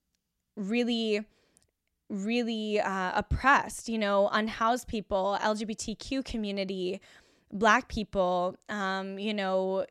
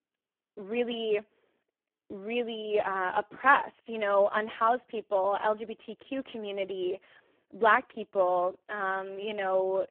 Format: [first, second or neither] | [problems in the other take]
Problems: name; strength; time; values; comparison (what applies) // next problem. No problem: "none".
first | phone-call audio; poor line